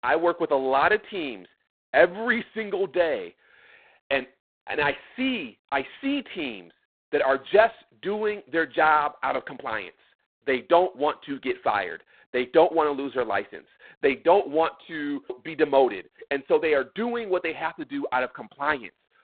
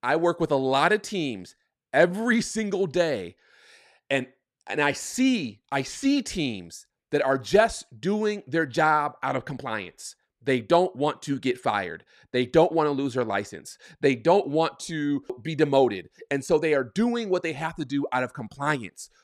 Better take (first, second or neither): second